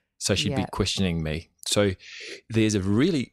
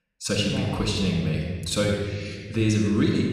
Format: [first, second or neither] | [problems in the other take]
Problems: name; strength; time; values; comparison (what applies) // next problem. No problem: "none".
first | off-mic speech; far // room echo; noticeable; dies away in 1.6 s